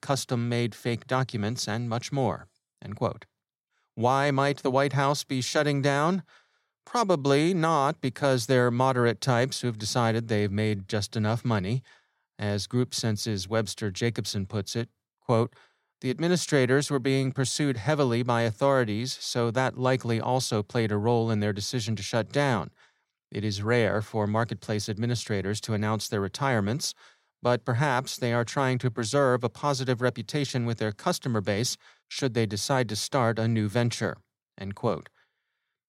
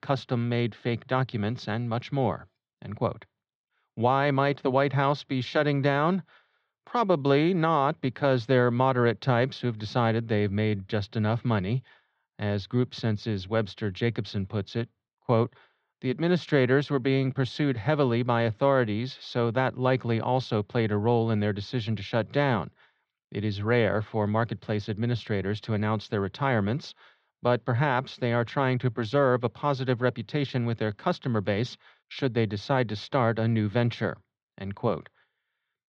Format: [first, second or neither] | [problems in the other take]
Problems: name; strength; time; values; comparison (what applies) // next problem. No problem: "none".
first | muffled; slightly; fading above 3.5 kHz